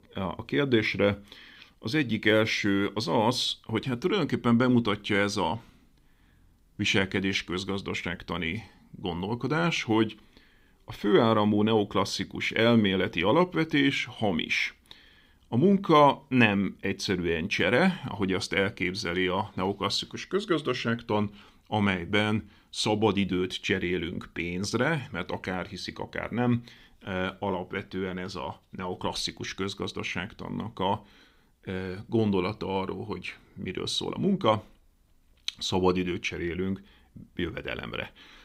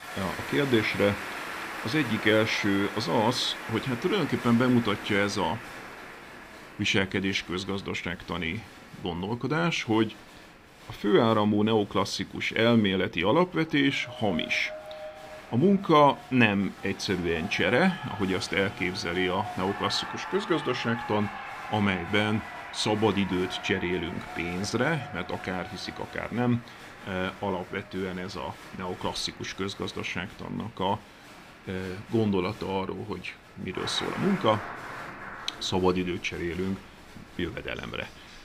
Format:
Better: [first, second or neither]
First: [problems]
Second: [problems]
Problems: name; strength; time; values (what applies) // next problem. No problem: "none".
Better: first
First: none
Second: crowd noise; noticeable; throughout; 10 dB below the speech